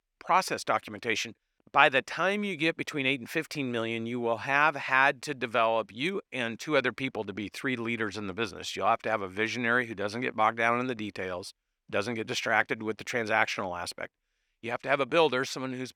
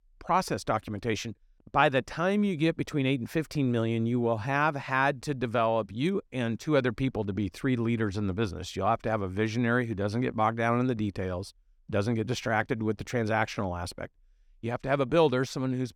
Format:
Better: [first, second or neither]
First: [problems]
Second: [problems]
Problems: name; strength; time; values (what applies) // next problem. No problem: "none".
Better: second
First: thin; somewhat; fading below 1 kHz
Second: none